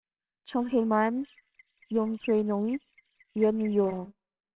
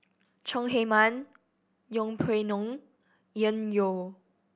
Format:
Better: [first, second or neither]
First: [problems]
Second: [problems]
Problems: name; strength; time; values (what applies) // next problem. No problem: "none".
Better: second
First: noise reduction (neural separator model SepFormer WHAMR!)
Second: none